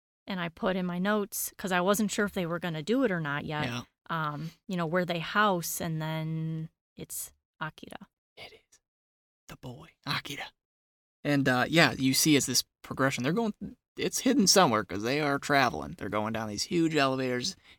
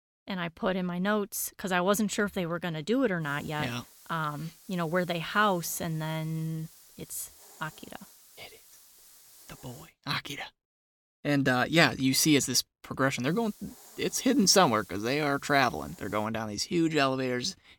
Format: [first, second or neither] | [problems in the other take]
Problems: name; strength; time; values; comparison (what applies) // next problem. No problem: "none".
first | hiss; faint; from 3 to 10 s and from 13 to 16 s; 25 dB below the speech